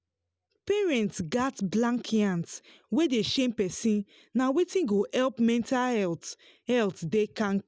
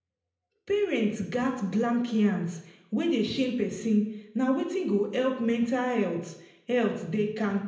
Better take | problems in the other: first | room echo; dies away in 0.7 s

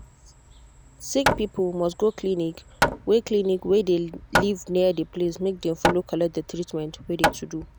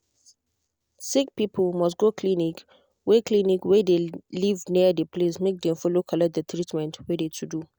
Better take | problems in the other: second | background sound (Hammer); 5 dB below the speech

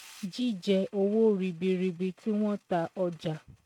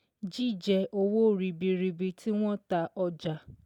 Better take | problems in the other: second | noise reduction (neural mask model RNNoise)

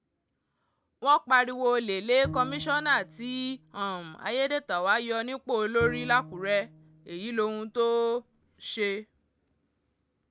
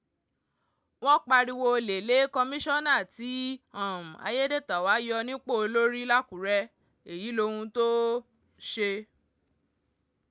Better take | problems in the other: second | background sound (Bowed string instrument); 15 dB below the speech

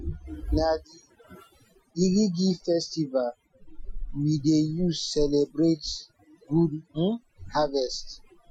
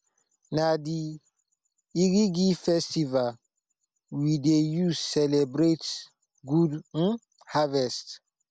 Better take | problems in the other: second | noise reduction (classical method Wiener filter)

